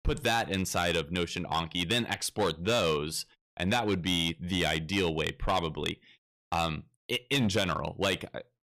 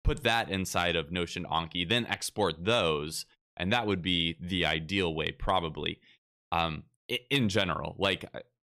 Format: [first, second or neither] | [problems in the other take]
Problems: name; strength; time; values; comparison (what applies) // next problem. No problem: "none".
second | distortion; slight; 5% of the sound clipped